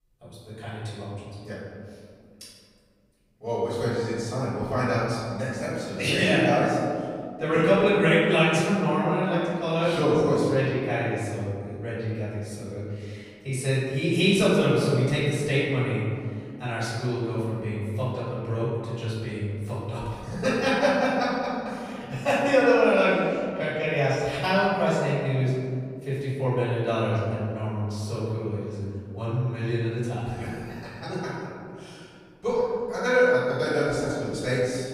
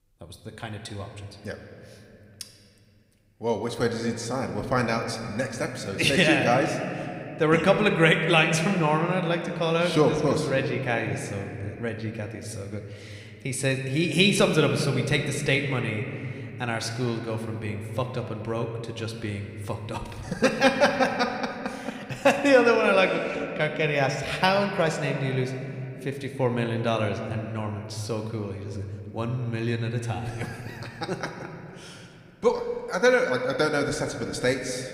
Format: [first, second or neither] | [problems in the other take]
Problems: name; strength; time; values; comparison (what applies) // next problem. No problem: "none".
second | room echo; strong; dies away in 2.2 s; slight in the second // off-mic speech; far